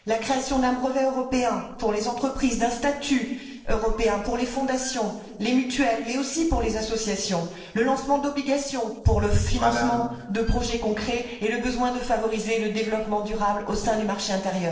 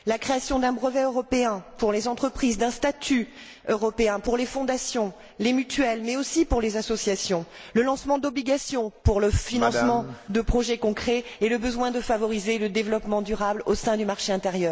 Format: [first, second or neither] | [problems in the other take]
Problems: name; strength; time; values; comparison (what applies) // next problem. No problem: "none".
second | noise reduction (neural separator model SepFormer DNS4)